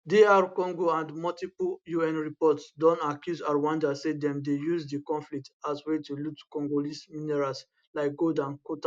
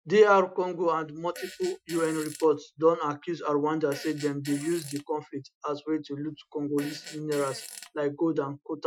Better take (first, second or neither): first